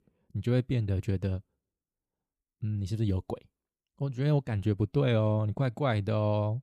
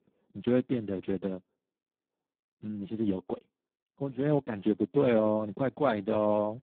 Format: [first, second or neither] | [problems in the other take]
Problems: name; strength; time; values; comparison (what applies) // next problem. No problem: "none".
first | phone-call audio; poor line; nothing above 4 kHz